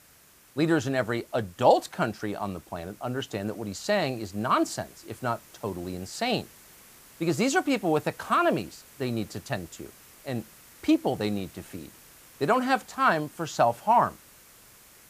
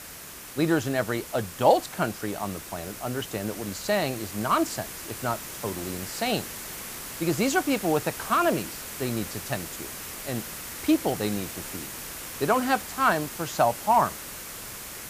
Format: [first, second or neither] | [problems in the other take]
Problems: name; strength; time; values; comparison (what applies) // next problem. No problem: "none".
first | hiss; loud; throughout; 9 dB below the speech; faint in the first